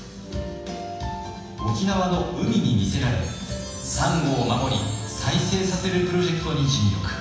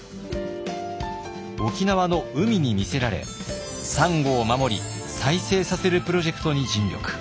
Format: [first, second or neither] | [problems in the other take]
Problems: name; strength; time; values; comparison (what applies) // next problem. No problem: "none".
second | room echo; dies away in 1.1 s